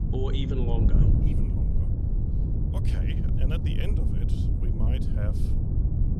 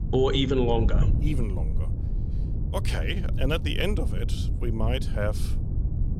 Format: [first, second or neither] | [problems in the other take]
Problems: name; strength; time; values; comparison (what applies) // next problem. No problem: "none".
second | wind noise on the microphone; heavy; 1 dB above the speech; occasional gusts in the second